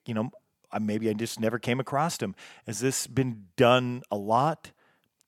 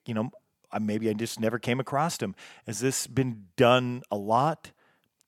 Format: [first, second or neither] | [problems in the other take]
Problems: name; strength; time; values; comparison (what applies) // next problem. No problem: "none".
neither | none